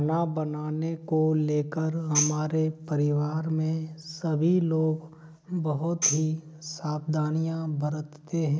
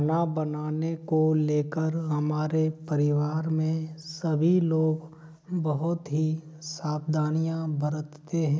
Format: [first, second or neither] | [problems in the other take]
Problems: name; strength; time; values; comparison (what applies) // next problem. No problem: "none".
second | background sound (Tambourine); 6 dB below the speech